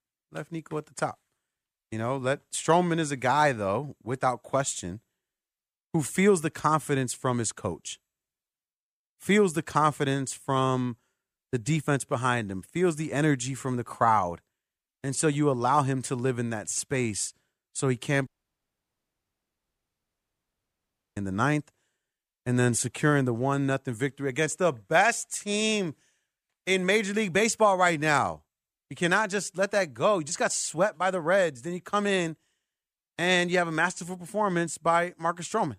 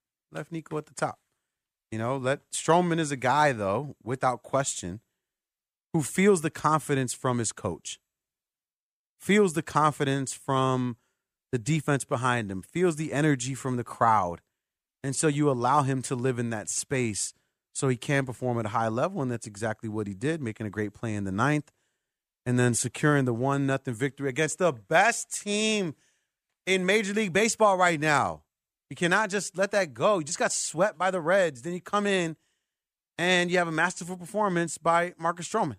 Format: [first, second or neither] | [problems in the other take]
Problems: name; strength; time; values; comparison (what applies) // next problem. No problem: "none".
second | audio cutting out; at 18 s for 3 s